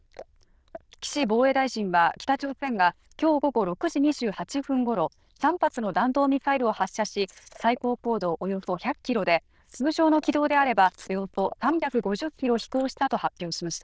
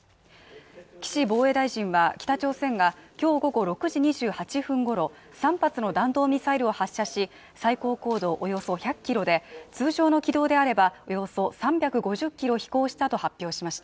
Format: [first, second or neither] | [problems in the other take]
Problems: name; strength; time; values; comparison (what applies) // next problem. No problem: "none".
second | noise reduction (neural diffusion model UNIVERSE++)